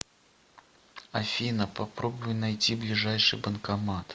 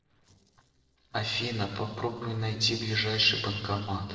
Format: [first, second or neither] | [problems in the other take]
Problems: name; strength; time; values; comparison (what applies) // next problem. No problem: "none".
first | noise reduction (neural separator model SepFormer DNS4)